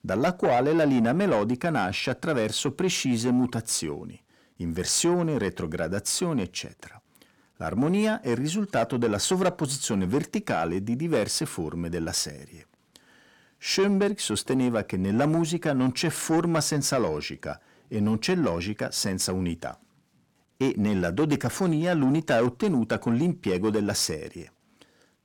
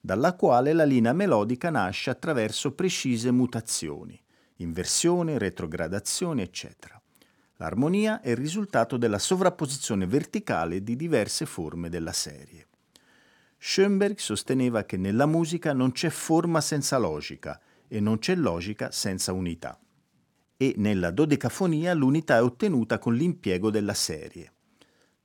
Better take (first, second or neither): second